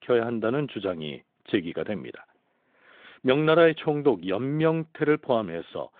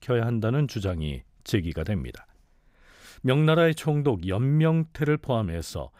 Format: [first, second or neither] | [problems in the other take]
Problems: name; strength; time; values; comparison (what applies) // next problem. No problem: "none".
second | phone-call audio; nothing above 3.5 kHz